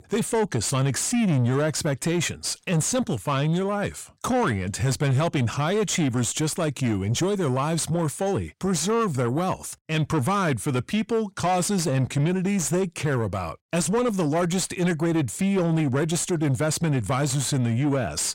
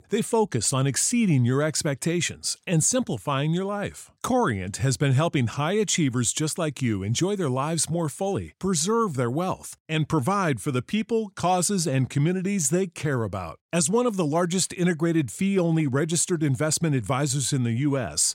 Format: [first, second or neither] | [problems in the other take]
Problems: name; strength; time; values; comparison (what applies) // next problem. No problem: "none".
second | distortion; slight; 10 dB below the speech